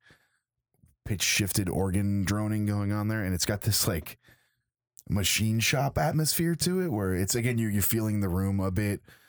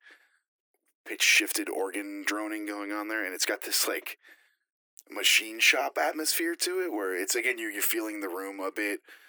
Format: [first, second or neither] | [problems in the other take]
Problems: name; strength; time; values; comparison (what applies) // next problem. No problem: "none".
first | thin; very; fading below 300 Hz